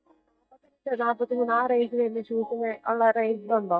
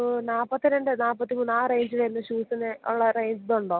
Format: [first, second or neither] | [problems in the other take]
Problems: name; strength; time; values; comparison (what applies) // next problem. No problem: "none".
second | noise reduction (neural mask model DeepFilterNet 3)